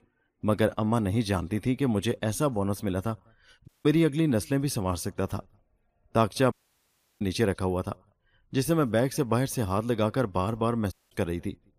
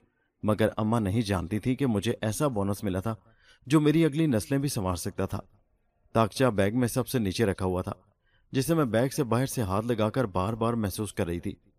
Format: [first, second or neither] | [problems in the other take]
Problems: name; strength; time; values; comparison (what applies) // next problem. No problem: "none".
second | audio cutting out; at 3.5 s, at 6.5 s for 0.5 s and at 11 s